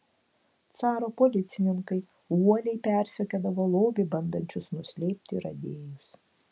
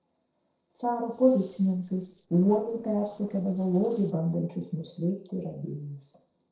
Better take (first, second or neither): first